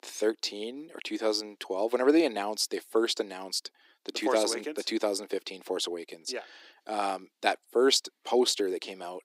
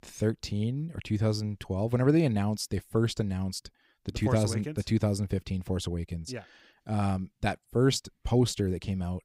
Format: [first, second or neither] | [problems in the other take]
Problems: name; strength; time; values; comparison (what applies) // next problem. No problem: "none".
second | thin; very; fading below 300 Hz